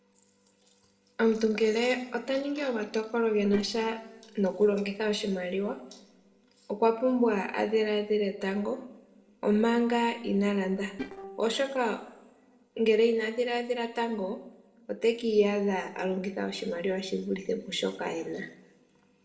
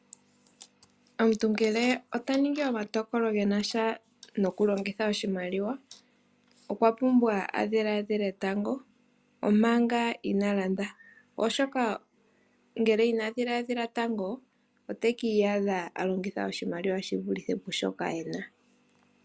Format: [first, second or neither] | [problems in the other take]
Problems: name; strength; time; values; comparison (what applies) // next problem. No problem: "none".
second | noise reduction (neural separator model SepFormer DNS4)